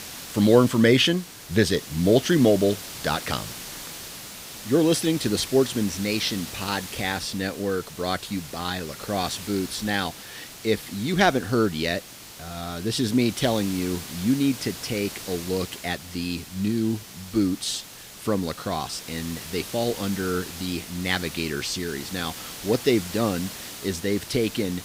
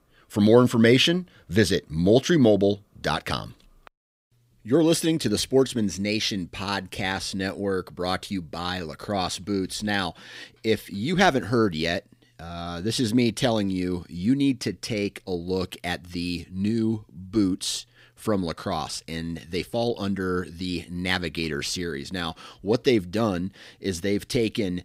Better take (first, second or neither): second